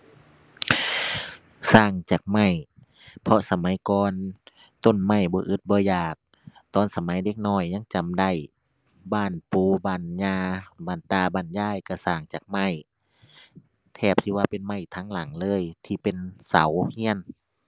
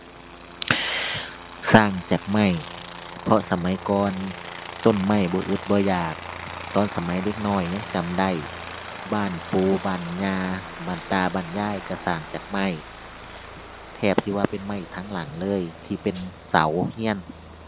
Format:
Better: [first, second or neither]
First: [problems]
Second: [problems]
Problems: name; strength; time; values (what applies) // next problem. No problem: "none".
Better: first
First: none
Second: background sound (Aircraft); 13 dB below the speech